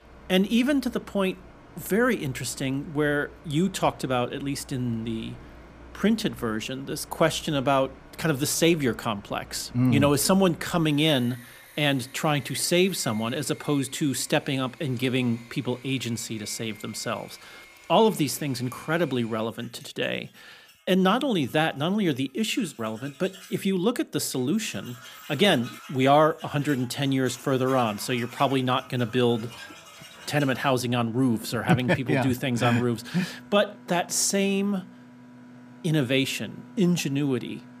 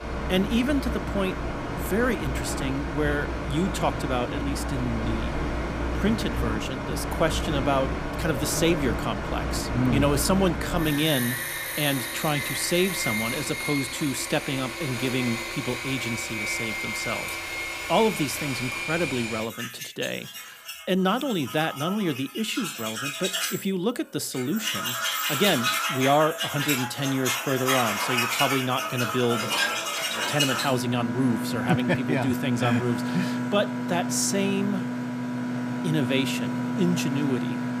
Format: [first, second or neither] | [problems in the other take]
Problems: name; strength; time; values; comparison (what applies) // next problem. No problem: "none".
first | machinery noise; loud; throughout; 2 dB below the speech; faint in the first